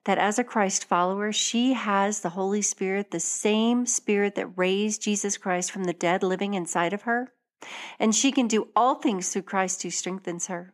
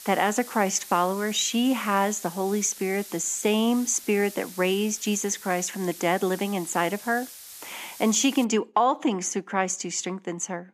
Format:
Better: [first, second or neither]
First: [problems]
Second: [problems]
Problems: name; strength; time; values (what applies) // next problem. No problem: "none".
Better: first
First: none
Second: hiss; noticeable; until 8.5 s; 15 dB below the speech